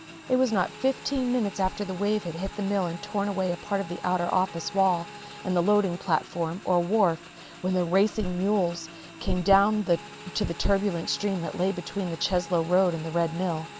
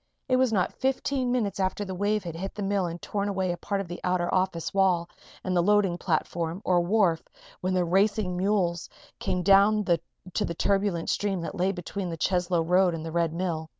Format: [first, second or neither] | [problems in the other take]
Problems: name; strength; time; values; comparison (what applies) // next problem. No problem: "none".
second | background sound (Motorcycle / Engine); 17 dB below the speech